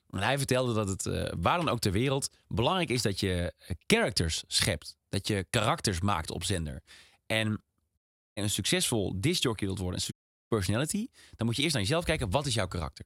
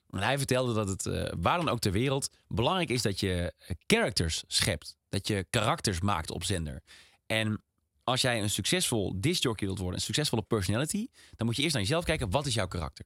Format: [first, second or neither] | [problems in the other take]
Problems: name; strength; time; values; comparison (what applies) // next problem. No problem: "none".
second | audio cutting out; at 8 s and at 10 s